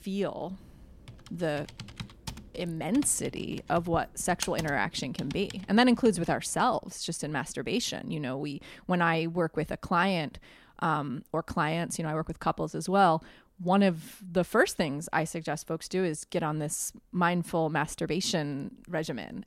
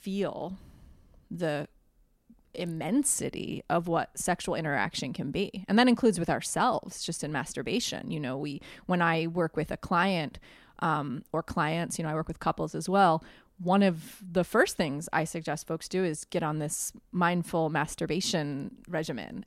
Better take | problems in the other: second | keyboard typing; noticeable; from 1 to 6 s; peak 6 dB below the speech

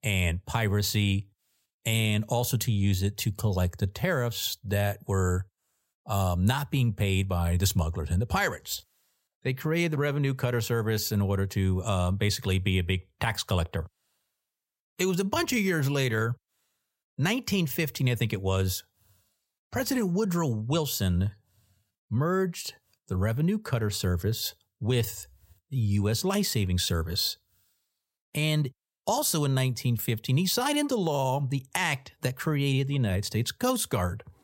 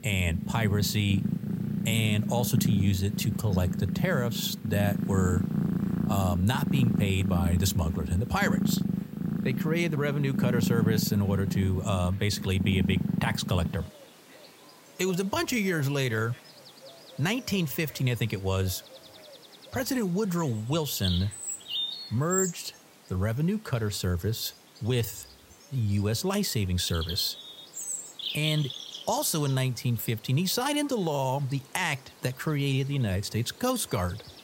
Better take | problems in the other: first | animal sounds; loud; throughout; 2 dB below the speech

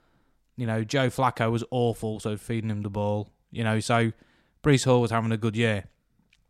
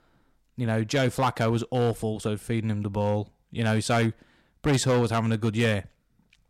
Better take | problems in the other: first | distortion; slight; 5% of the sound clipped

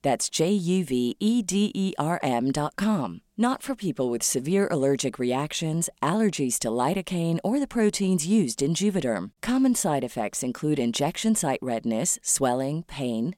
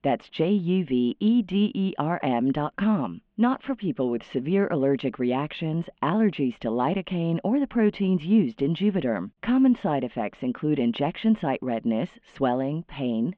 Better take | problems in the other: first | muffled; very; fading above 3 kHz

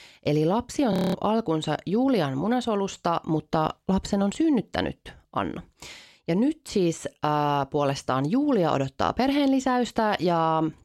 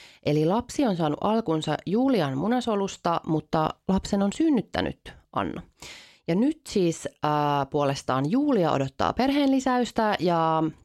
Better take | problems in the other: second | audio freezing; at 1 s

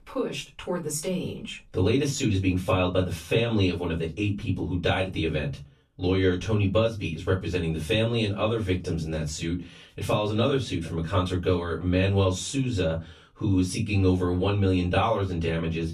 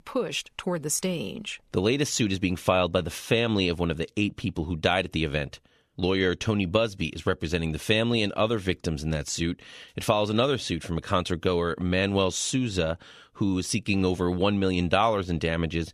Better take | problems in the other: second | off-mic speech; far // room echo; very slight; dies away in 0.2 s

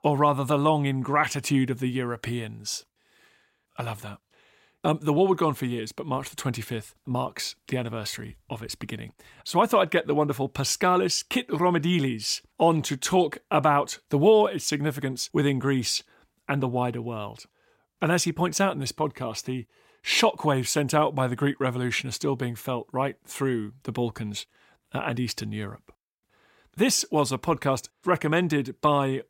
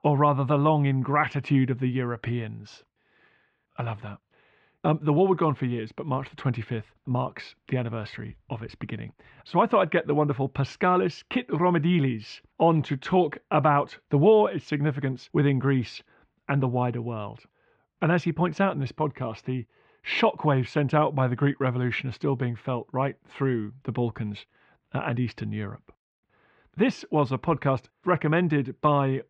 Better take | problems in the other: first | muffled; very; fading above 2.5 kHz

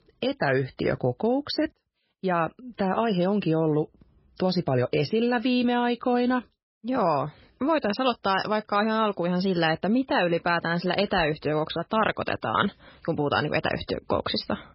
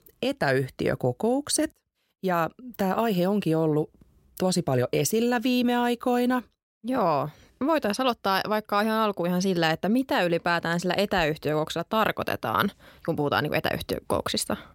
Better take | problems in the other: second | garbled, watery; badly; nothing above 5.5 kHz

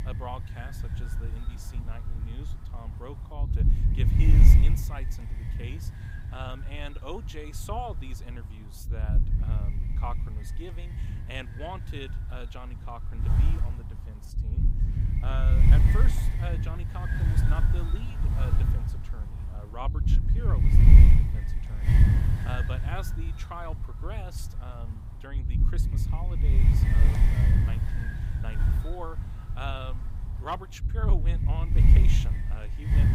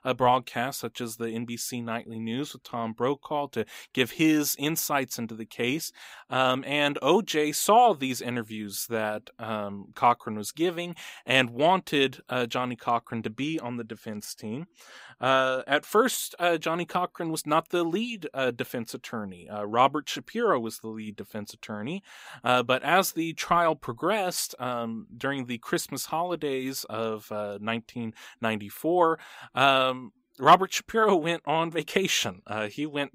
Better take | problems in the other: second | wind noise on the microphone; heavy; as loud as the speech

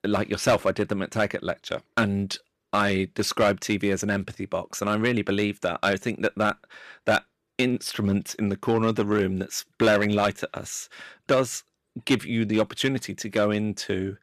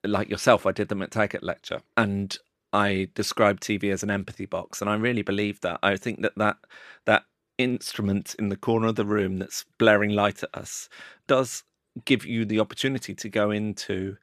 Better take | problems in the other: second | distortion; slight; 2% of the sound clipped

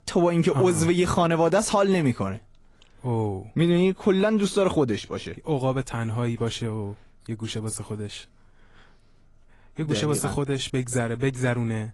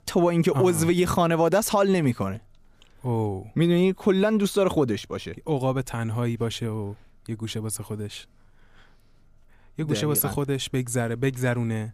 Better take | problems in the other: second | garbled, watery; slightly; nothing above 11.5 kHz

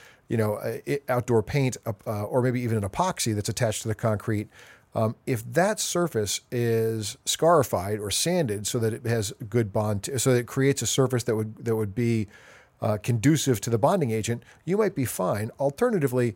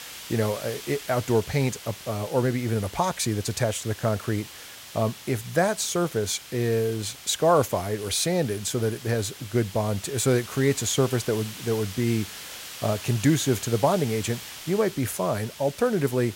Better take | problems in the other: first | hiss; noticeable; throughout; 15 dB below the speech

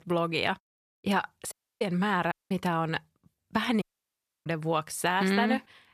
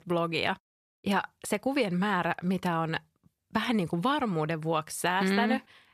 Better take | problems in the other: second | audio cutting out; at 1.5 s, at 2.5 s and at 4 s for 0.5 s

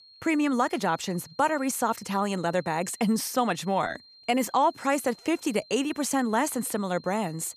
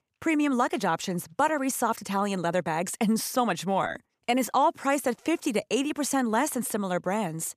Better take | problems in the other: second | high-pitched whine; faint; throughout; 4 kHz, 25 dB below the speech

